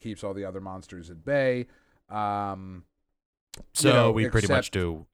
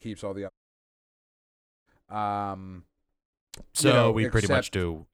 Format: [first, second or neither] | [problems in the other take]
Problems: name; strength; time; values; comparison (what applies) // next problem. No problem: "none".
first | audio cutting out; at 0.5 s for 1.5 s